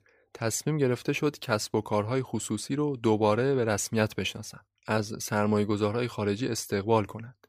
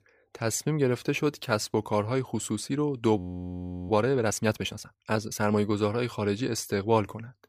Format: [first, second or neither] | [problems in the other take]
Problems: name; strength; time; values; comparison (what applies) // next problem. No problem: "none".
first | audio freezing; at 3 s for 0.5 s